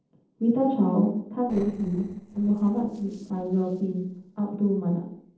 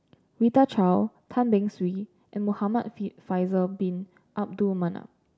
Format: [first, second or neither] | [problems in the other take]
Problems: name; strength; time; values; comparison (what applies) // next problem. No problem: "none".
second | noise reduction (neural separator model SepFormer DNS4)